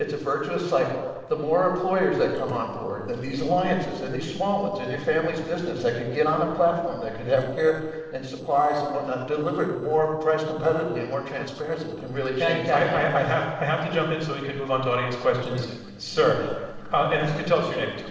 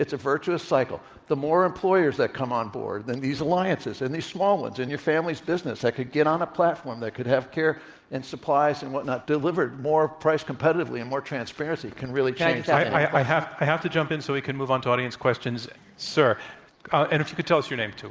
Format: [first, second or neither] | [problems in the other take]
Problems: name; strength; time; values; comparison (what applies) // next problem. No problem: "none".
second | noise reduction (neural separator model SepFormer DNS4)